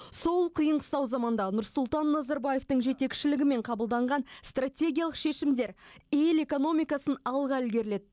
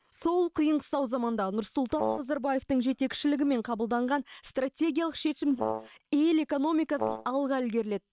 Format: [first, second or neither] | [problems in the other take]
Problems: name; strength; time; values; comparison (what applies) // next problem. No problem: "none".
first | noise reduction (neural separator model SepFormer WHAM!)